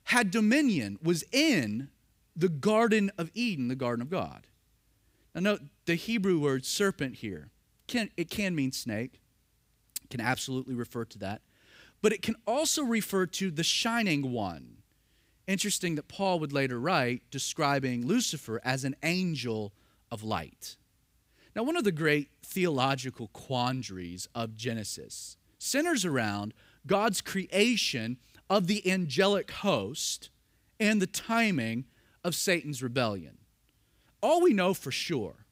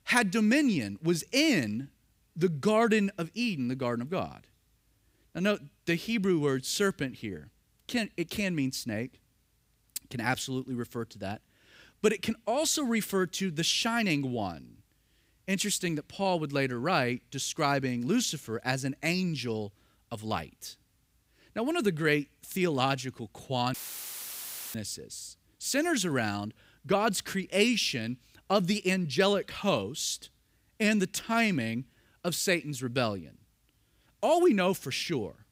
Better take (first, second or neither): first